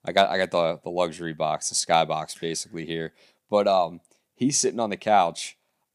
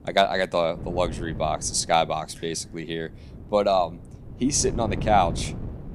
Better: first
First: none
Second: wind noise on the microphone; occasional gusts; 20 dB below the speech

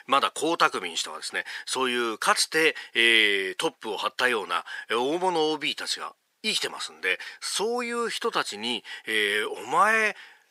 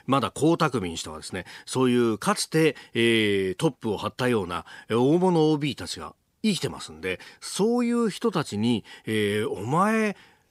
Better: second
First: thin; very; fading below 550 Hz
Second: none

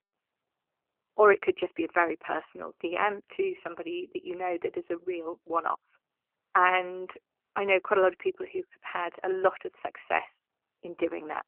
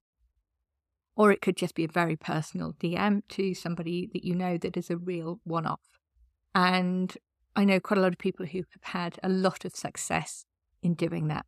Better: second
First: phone-call audio; nothing above 3 kHz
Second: none

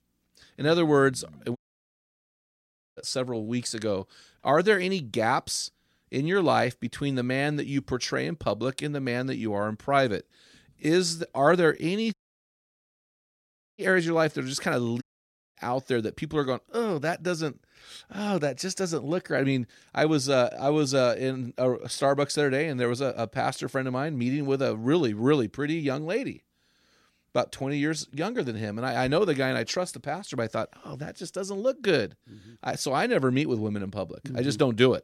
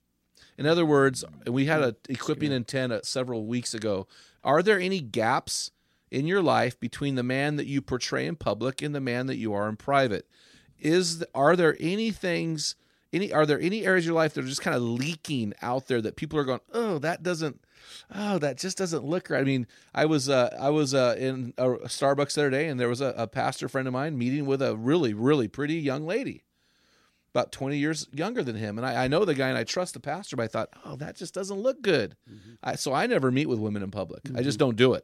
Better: second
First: audio cutting out; at 1.5 s for 1.5 s, at 12 s for 1.5 s and at 15 s for 0.5 s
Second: none

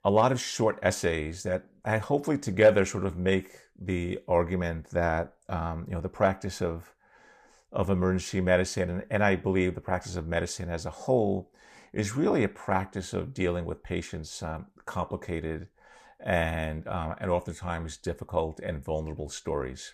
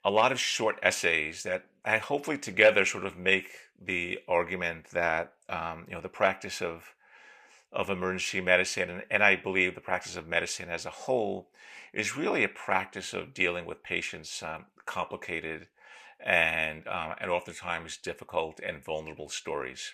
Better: first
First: none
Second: thin; somewhat; fading below 1 kHz

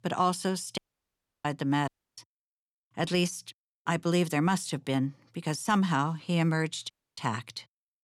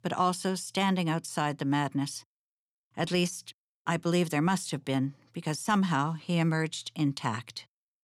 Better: second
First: audio cutting out; at 1 s for 0.5 s, at 2 s and at 7 s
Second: none

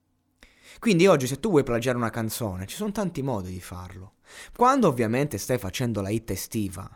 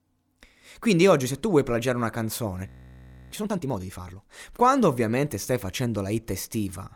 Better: first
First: none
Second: audio freezing; at 2.5 s for 0.5 s

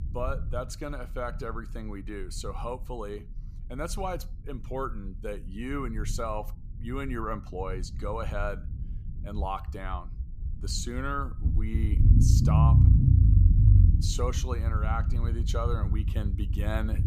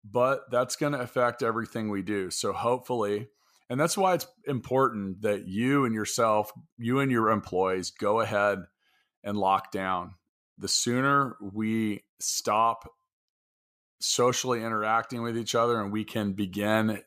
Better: second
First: low rumble; loud; throughout; 4 dB below the speech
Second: none

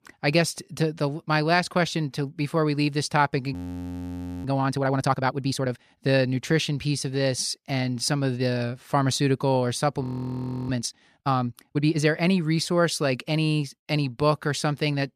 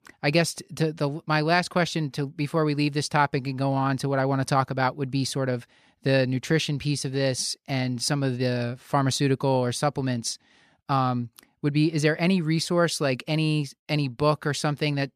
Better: second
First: audio freezing; at 3.5 s for 1 s and at 10 s for 0.5 s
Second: none

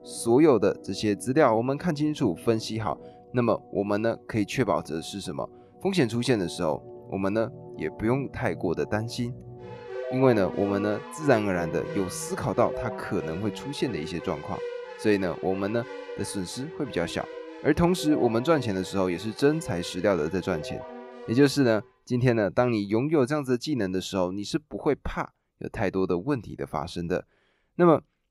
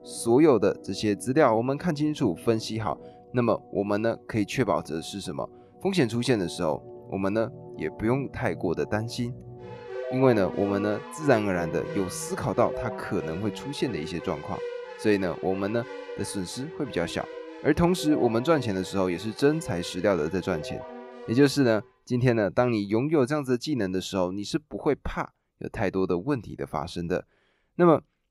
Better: neither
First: background music; noticeable; until 21 s; 15 dB below the speech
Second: background music; noticeable; until 21 s; 15 dB below the speech

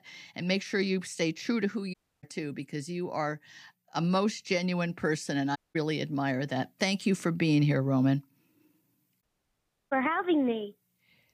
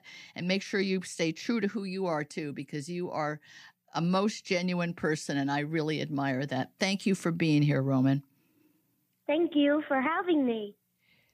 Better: second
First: audio cutting out; at 2 s, at 5.5 s and at 9 s for 0.5 s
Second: none

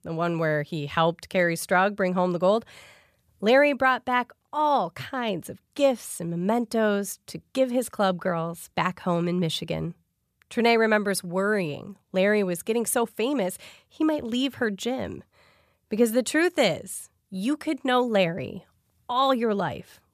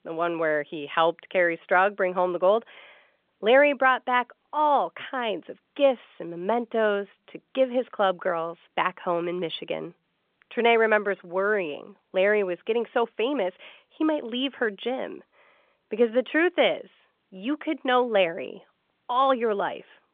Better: first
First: none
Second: phone-call audio; nothing above 3.5 kHz

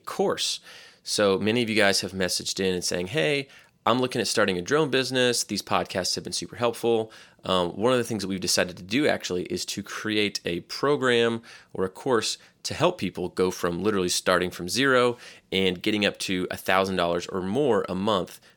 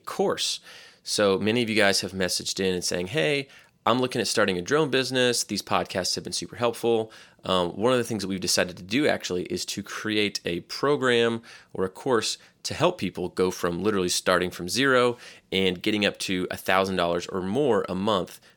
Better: neither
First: none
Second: none

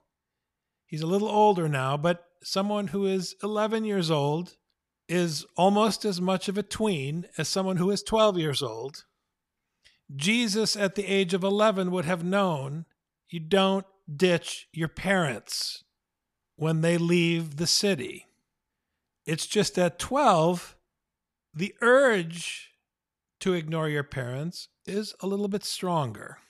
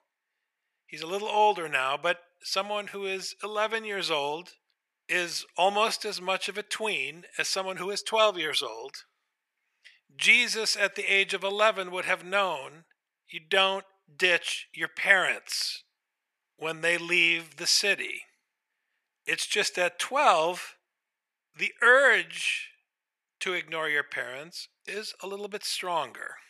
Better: first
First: none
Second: thin; very; fading below 500 Hz

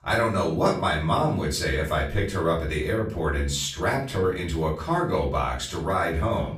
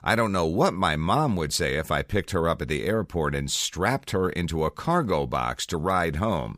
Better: second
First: room echo; slight; dies away in 0.4 s // off-mic speech; far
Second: none

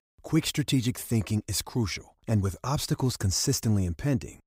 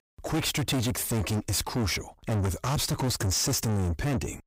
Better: first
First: none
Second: distortion; heavy; 5 dB below the speech

